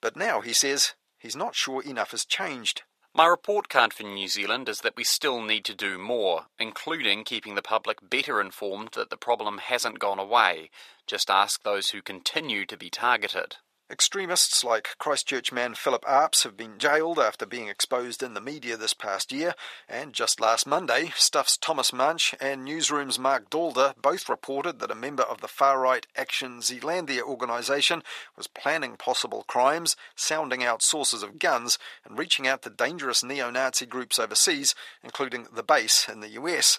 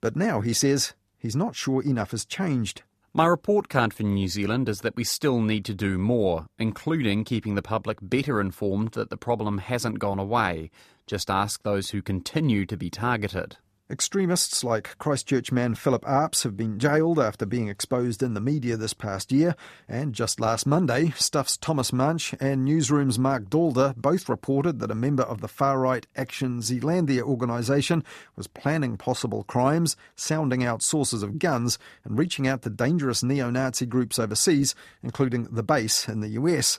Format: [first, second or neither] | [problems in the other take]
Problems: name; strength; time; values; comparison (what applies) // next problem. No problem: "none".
second | thin; very; fading below 700 Hz